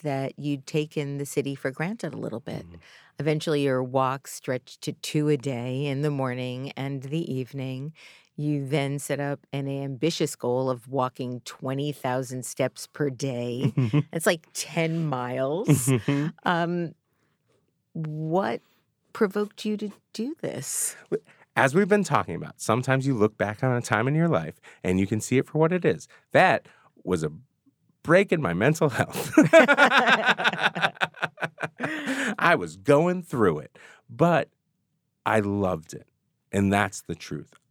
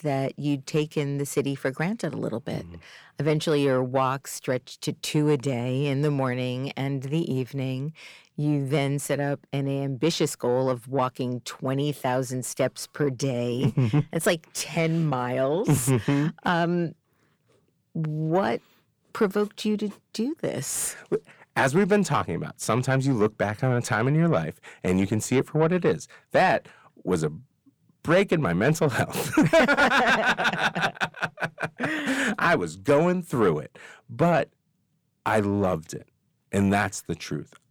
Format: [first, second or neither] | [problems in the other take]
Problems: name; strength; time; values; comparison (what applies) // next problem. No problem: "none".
first | distortion; slight; 10 dB below the speech